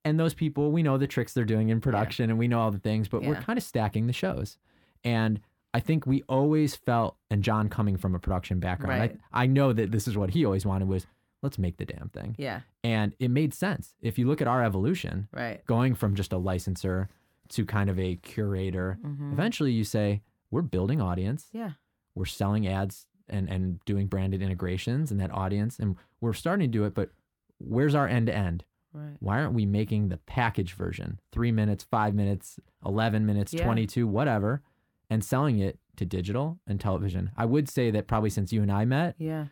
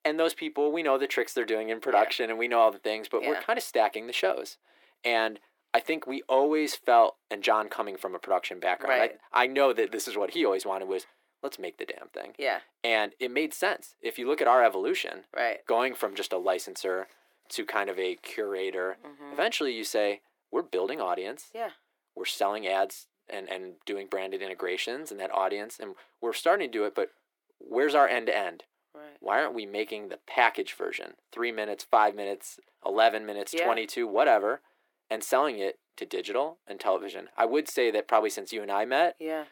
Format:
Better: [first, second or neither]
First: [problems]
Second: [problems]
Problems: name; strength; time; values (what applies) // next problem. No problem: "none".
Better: first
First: none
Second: thin; very; fading below 350 Hz